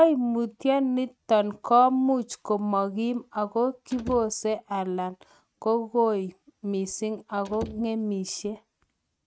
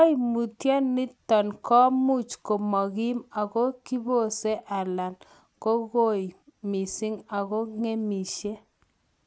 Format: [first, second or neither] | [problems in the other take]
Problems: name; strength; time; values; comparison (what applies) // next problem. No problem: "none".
second | noise reduction (neural mask model RNNoise)